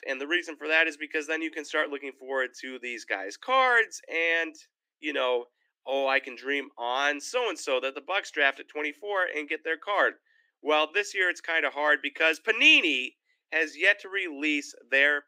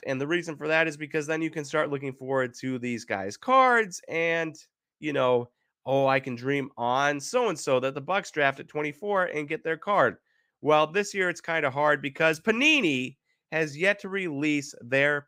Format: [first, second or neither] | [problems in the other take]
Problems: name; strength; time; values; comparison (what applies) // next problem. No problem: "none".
second | thin; very slightly; fading below 300 Hz